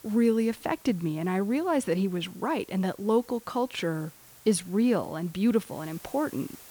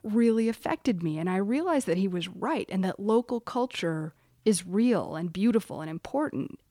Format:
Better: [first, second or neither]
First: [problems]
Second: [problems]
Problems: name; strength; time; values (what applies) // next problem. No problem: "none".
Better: second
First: hiss; faint; throughout; 20 dB below the speech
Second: none